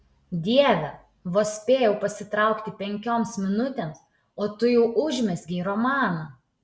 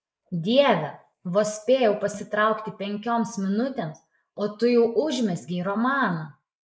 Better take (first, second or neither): first